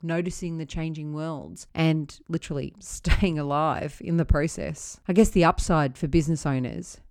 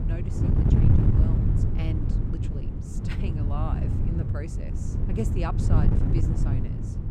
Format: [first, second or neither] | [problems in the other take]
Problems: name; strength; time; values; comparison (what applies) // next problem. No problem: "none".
first | wind noise on the microphone; heavy; 3 dB above the speech